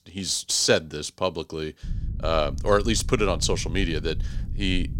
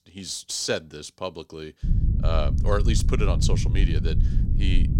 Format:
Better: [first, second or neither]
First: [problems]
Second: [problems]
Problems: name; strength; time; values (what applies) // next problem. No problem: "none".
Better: first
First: low rumble; faint; from 2 s on; 25 dB below the speech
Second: low rumble; loud; from 2 s on; 9 dB below the speech